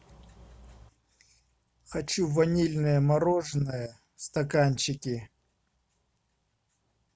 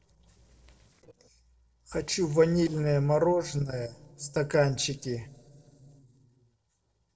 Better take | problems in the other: first | noise reduction (neural separator model SepFormer DNS4)

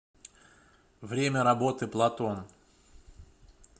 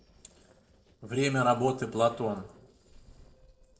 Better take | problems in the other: first | noise reduction (neural separator model SepFormer DNS4)

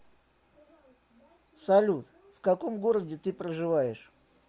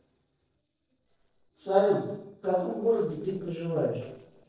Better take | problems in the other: first | noise reduction (neural separator model SepFormer DNS4)

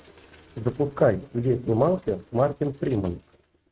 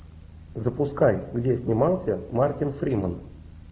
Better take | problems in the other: second | noise reduction (neural mask model RNNoise)

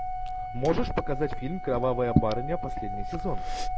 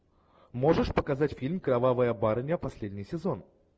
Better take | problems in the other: second | background sound (Organ + Liquid); 1 dB above the speech

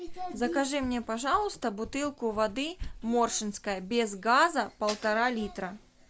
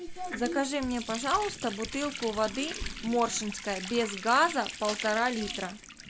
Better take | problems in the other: first | background sound (Water tap, faucet); 10 dB below the speech

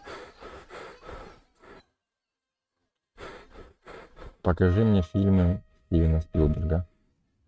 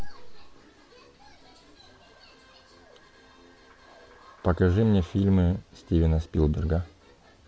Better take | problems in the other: second | noise reduction (neural mask model RNNoise)

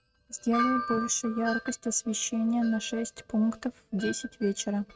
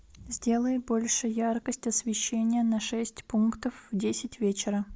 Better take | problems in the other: second | noise reduction (neural mask model RNNoise)

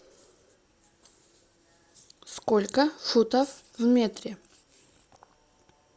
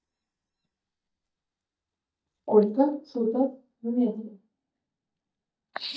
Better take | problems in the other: first | noise reduction (neural mask model DeepFilterNet 3)

